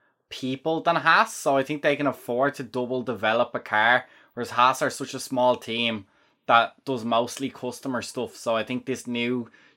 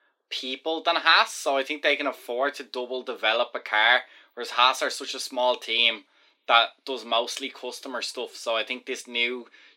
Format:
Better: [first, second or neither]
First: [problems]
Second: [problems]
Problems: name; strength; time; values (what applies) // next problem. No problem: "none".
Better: first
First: none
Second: thin; somewhat; fading below 300 Hz